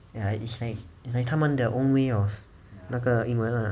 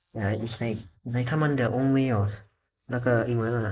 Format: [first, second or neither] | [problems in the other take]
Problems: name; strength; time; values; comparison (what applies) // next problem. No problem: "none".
first | noise reduction (neural mask model Resemble Enhance denoiser)